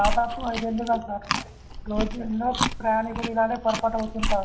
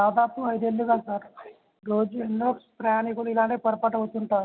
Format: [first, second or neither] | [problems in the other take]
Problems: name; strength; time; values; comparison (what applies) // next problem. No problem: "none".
second | background sound (Chewing, mastication); 3 dB below the speech // room echo; dies away in 0.7 s